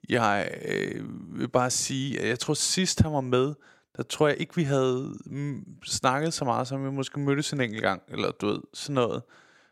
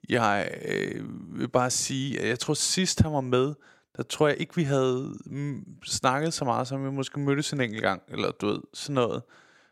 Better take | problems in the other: neither | none

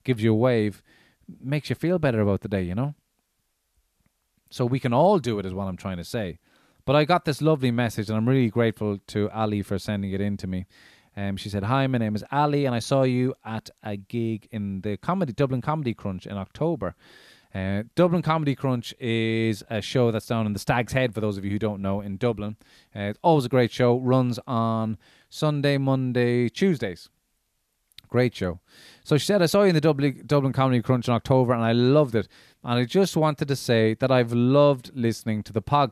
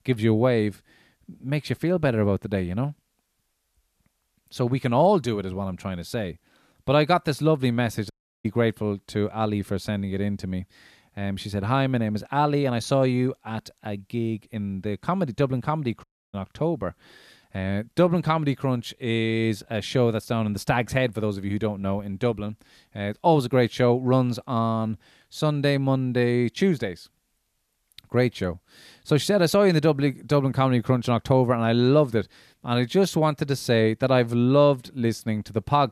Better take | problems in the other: first | audio cutting out; at 8 s and at 16 s

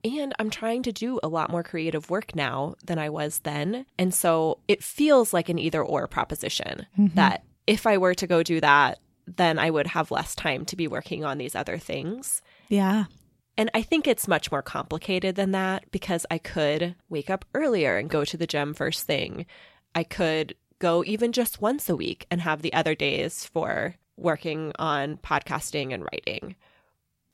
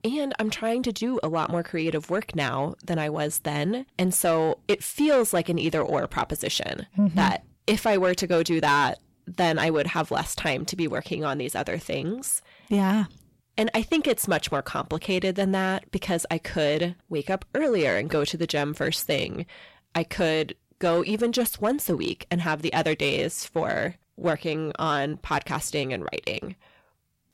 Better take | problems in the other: first | distortion; slight; 10 dB below the speech

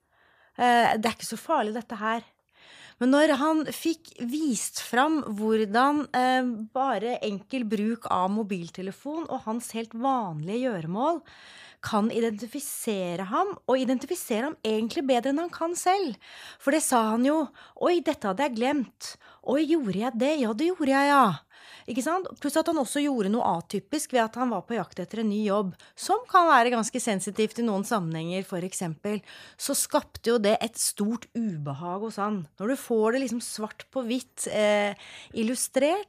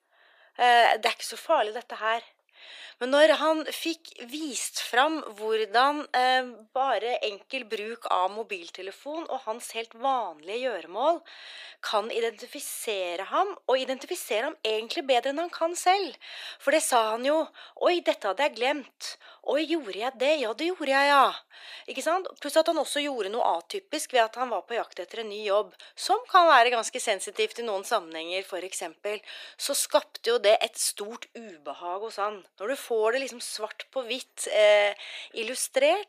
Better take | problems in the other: first | thin; very; fading below 350 Hz

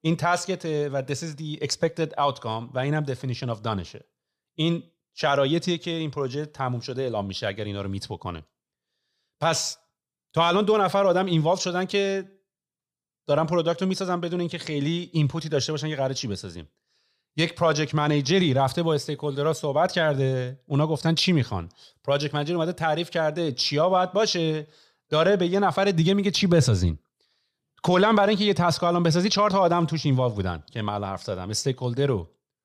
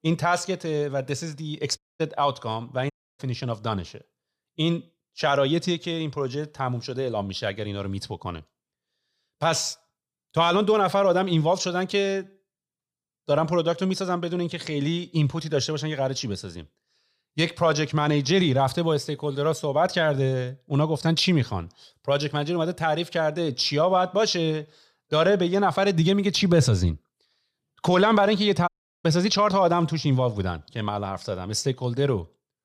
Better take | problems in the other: first | audio cutting out; at 2 s, at 3 s and at 29 s

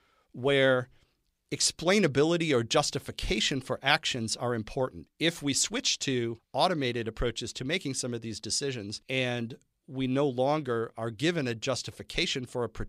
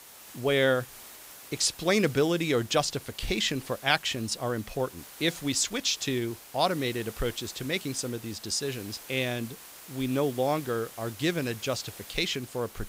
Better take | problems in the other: first | hiss; noticeable; throughout; 15 dB below the speech

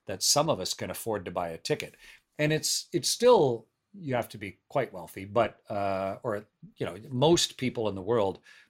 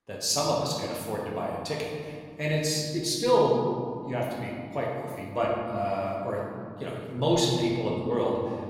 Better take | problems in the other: first | room echo; noticeable; dies away in 2.1 s // off-mic speech; far

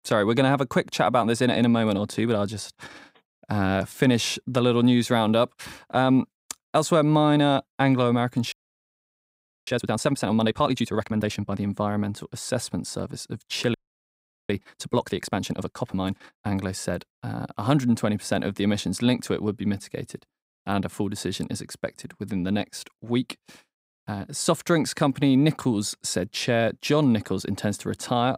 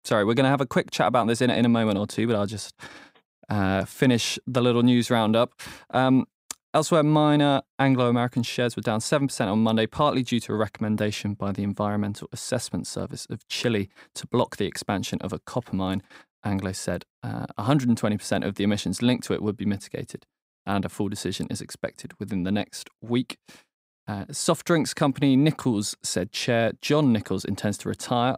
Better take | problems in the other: second | audio freezing; at 8.5 s for 1 s and at 14 s for 1 s

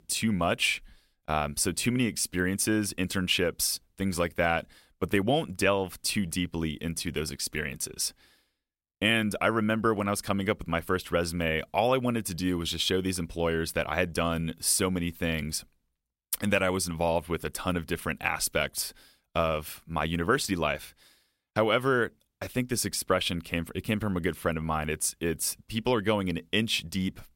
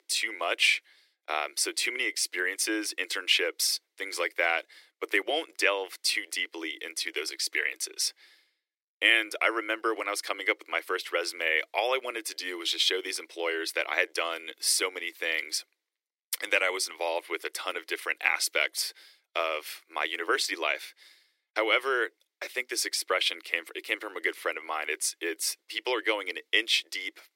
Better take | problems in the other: first | thin; very; fading below 300 Hz

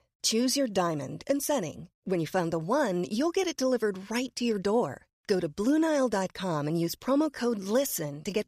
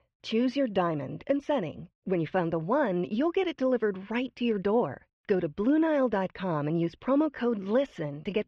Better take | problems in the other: first | muffled; very; fading above 3 kHz

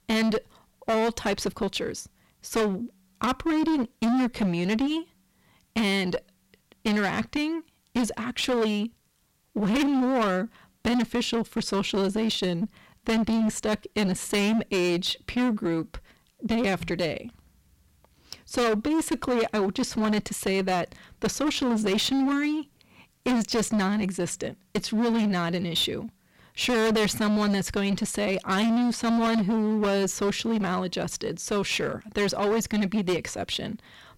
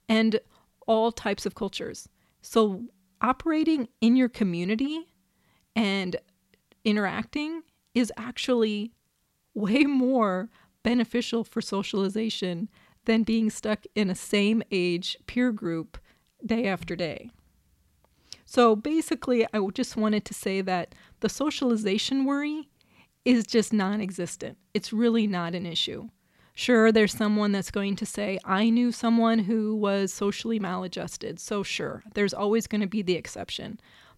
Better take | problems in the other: second | distortion; heavy; 19% of the sound clipped

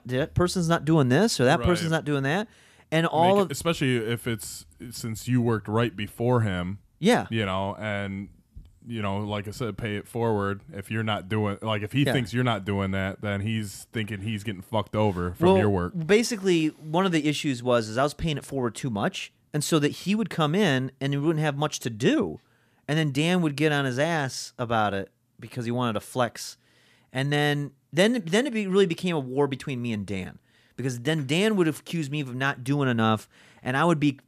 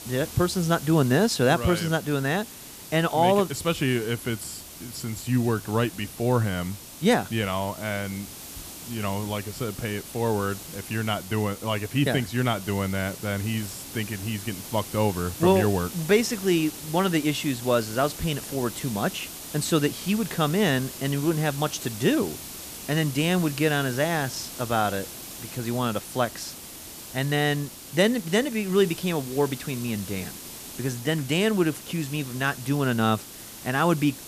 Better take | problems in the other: first | hiss; noticeable; throughout; 10 dB below the speech

